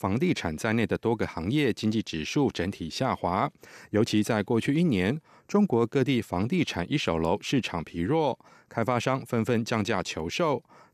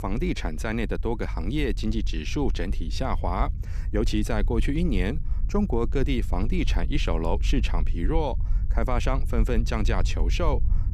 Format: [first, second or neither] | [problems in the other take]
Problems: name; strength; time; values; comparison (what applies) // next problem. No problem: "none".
first | low rumble; noticeable; throughout; 20 dB below the speech